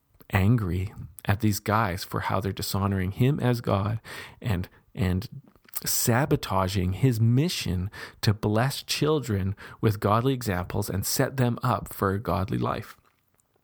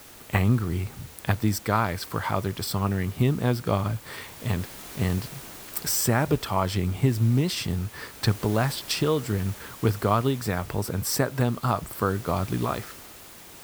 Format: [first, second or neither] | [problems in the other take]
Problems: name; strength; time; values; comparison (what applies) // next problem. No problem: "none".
first | hiss; noticeable; throughout; 15 dB below the speech